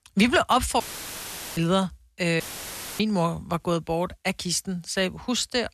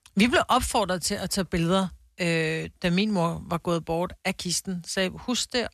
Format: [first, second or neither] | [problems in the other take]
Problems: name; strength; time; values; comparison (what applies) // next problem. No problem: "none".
second | audio cutting out; filled with static; at 1 s for 1 s and at 2.5 s for 0.5 s